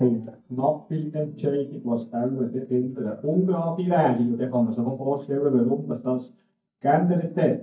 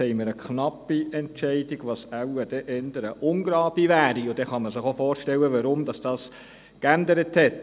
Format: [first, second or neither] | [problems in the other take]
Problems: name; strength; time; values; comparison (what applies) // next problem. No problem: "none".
second | noise reduction (neural mask model DeepFilterNet 3)